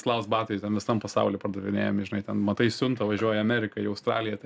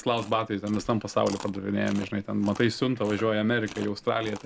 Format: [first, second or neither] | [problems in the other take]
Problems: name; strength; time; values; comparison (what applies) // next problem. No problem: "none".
first | background sound (Chewing, mastication); 18 dB below the speech